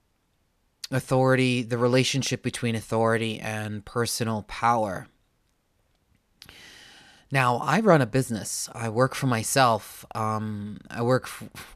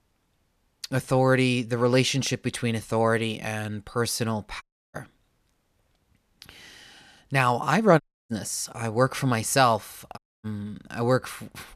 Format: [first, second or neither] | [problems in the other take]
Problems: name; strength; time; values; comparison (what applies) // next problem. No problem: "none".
first | audio cutting out; at 4.5 s, at 8 s and at 10 s